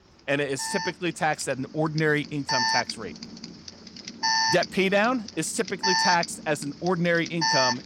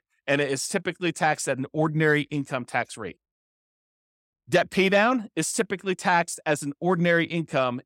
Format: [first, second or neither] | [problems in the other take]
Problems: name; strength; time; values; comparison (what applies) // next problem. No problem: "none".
second | alarm; loud; from 0.5 s on; peak 4 dB above the speech